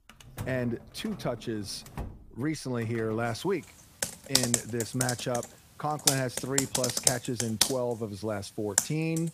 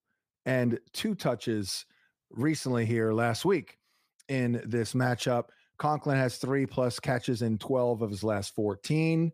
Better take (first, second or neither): second